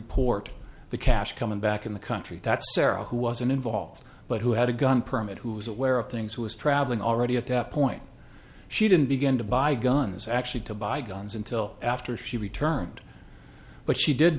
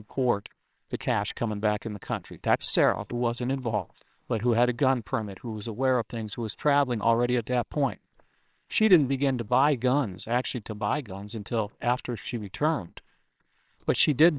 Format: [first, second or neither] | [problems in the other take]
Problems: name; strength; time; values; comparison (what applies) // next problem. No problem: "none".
first | noise reduction (neural separator model SepFormer WHAMR!)